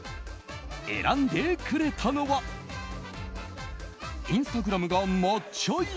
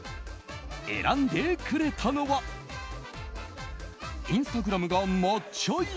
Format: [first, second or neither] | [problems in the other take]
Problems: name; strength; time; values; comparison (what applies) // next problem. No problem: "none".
second | background sound (Bowed string instrument); 20 dB below the speech